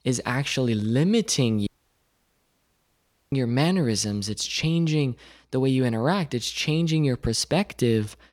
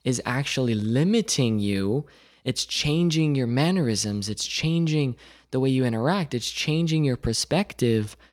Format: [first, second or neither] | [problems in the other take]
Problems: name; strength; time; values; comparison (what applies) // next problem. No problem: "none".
second | audio cutting out; at 1.5 s for 1.5 s